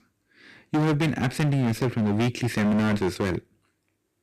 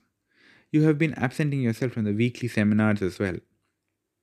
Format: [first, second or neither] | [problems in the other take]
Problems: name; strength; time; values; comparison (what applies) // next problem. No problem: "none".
second | distortion; heavy; 20% of the sound clipped